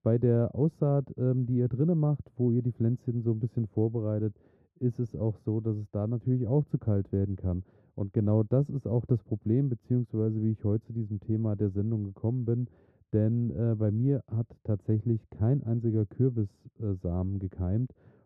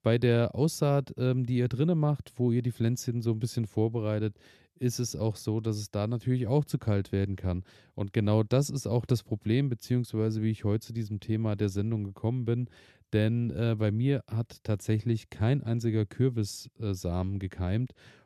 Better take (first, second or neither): second